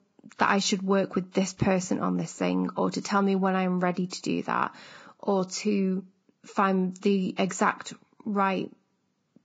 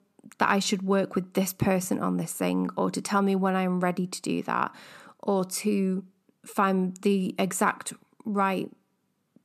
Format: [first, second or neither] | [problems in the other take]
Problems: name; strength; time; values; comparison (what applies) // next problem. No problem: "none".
second | garbled, watery; badly; nothing above 7.5 kHz